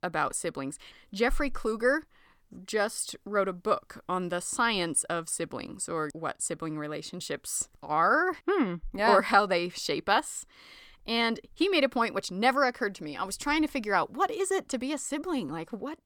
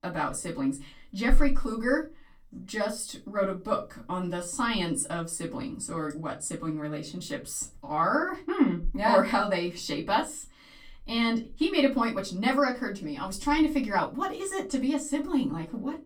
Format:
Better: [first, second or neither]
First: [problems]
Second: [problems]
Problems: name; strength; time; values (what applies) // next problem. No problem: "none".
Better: first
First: none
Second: off-mic speech; far // room echo; very slight; dies away in 0.2 s